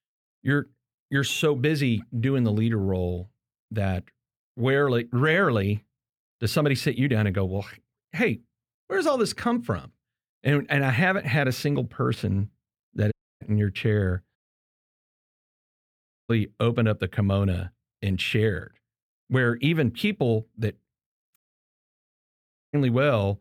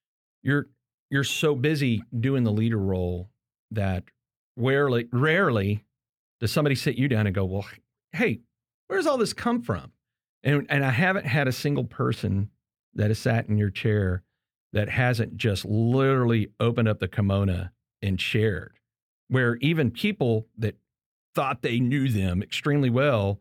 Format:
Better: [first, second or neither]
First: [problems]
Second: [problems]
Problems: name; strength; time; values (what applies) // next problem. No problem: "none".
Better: second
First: audio cutting out; at 13 s, at 14 s for 2 s and at 21 s for 1.5 s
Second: none